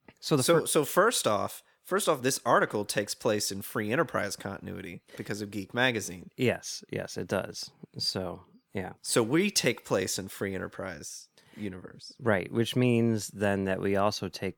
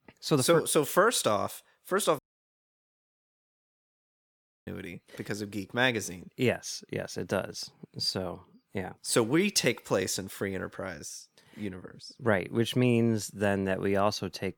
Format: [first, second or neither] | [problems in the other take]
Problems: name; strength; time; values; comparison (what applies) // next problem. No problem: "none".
first | audio cutting out; at 2 s for 2.5 s